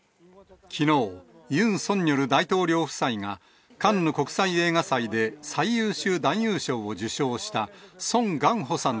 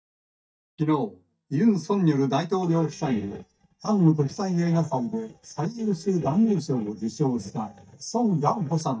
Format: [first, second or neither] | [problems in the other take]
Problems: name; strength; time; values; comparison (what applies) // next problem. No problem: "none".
first | noise reduction (neural mask model DeepFilterNet 3)